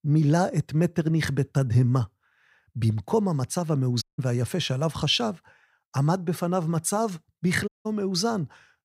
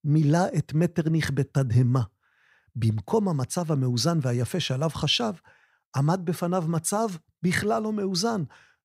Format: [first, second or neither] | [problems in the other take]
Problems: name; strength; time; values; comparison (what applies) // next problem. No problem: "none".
second | audio cutting out; at 4 s and at 7.5 s